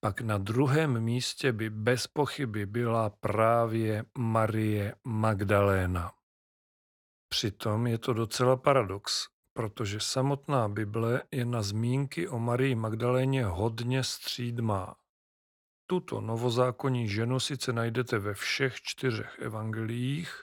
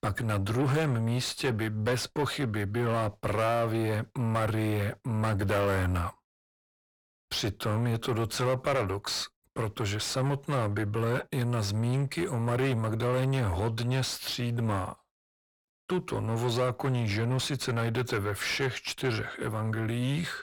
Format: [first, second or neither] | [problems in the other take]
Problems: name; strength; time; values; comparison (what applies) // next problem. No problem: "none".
first | distortion; heavy; 6 dB below the speech